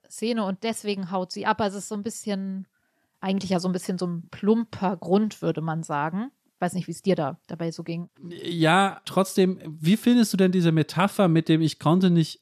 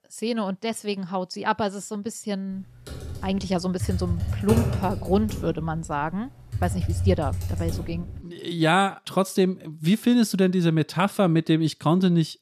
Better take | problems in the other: first | keyboard typing; loud; from 3 to 8 s; peak level with the speech

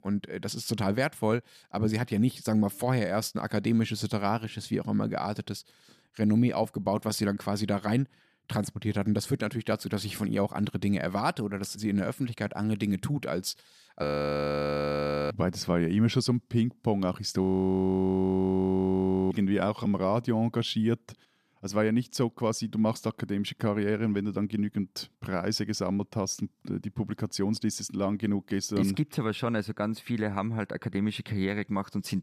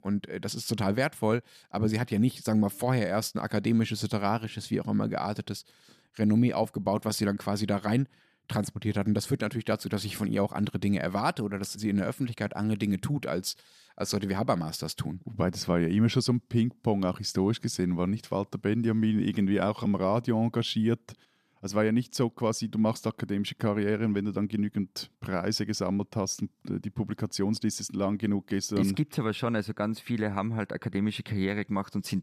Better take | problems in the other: second | audio freezing; at 14 s for 1.5 s and at 17 s for 2 s

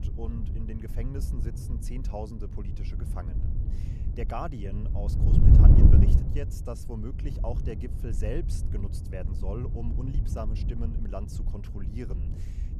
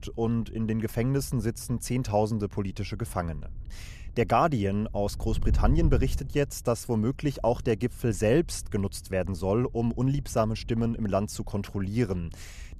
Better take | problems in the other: second | wind noise on the microphone; heavy; as loud as the speech; occasional gusts in the second

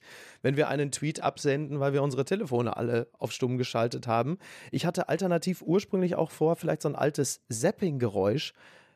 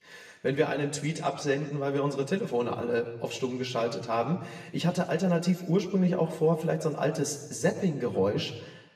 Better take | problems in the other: first | room echo; slight; dies away in 1 s // off-mic speech; somewhat distant

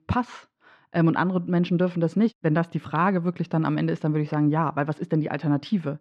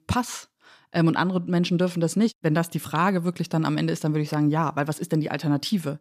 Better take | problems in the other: second | muffled; slightly; fading above 2.5 kHz

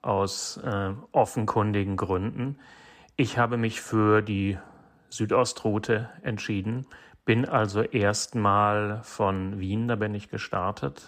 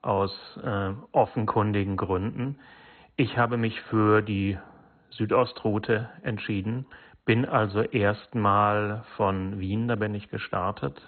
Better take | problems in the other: first | garbled, watery; badly; nothing above 4 kHz

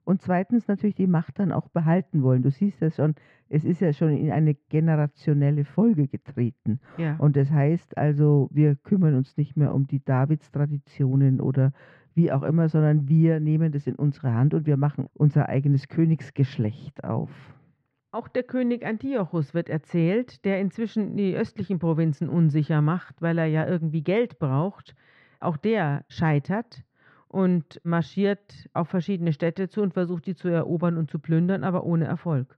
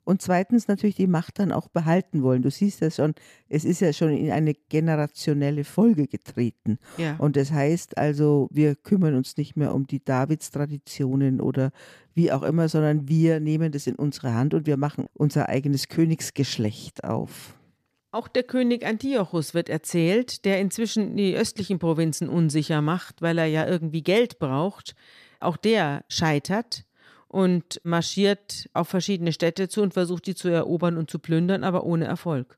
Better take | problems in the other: second | muffled; very; fading above 2 kHz

